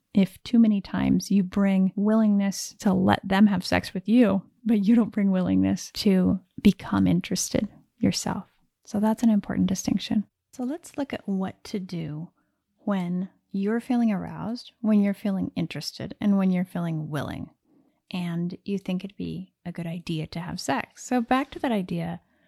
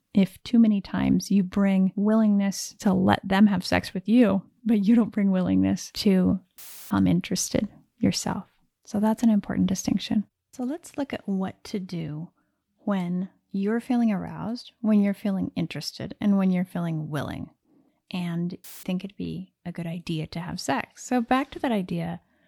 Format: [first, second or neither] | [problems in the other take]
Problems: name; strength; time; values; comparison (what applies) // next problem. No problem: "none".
first | audio cutting out; filled with static; at 6.5 s and at 19 s